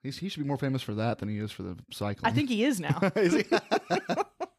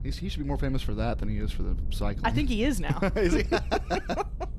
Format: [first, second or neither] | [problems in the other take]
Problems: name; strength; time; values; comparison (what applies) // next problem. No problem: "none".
first | low rumble; faint; throughout; 20 dB below the speech